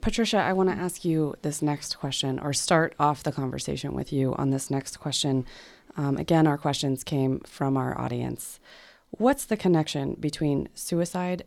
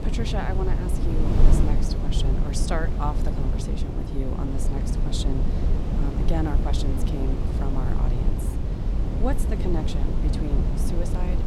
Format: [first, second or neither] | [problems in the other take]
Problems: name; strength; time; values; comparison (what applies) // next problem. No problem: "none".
first | wind noise on the microphone; heavy; 1 dB below the speech